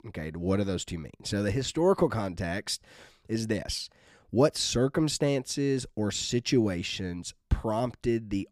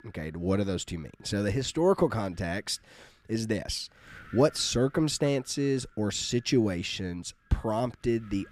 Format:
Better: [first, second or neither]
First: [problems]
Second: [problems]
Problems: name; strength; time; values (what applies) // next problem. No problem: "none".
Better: first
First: none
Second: wind noise on the microphone; occasional gusts; 25 dB below the speech